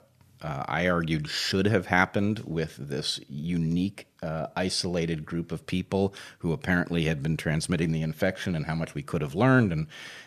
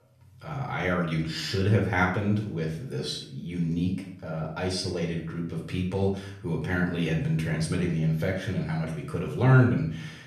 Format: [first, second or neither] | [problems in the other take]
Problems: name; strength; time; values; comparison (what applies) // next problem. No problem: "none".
first | off-mic speech; far // room echo; noticeable; dies away in 0.5 s